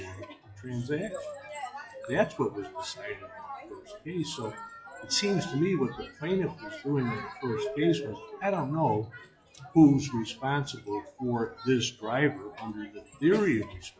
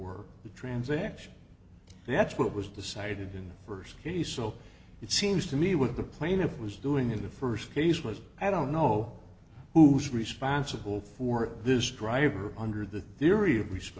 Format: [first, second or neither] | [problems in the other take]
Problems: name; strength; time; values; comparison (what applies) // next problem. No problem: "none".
second | noise reduction (classical method log-MMSE)